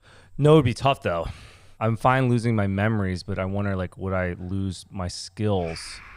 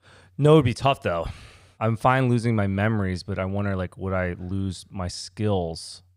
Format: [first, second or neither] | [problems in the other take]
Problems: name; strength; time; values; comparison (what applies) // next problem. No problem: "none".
second | animal sounds; faint; throughout; 25 dB below the speech